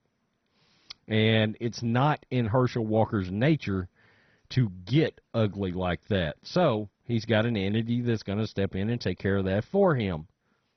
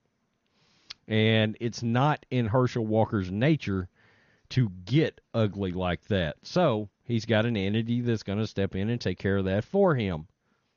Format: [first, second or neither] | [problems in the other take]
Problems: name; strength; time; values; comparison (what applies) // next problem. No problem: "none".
second | garbled, watery; badly; nothing above 6 kHz; slightly in the second